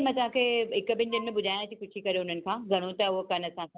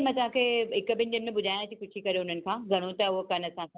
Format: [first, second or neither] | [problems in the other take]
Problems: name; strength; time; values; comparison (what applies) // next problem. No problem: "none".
second | background sound (Wind instrument, woodwind instrument); 13 dB below the speech